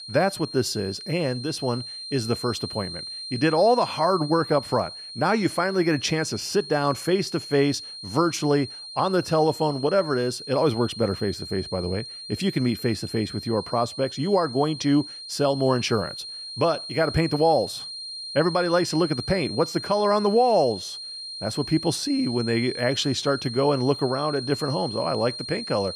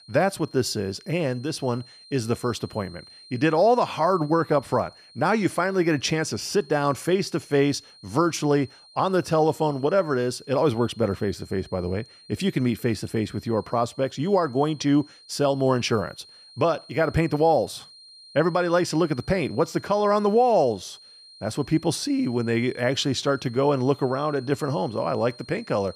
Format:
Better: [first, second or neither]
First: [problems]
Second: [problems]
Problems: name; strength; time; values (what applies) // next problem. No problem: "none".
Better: second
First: high-pitched whine; loud; throughout; 4 kHz, 10 dB below the speech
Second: high-pitched whine; faint; throughout; 4 kHz, 25 dB below the speech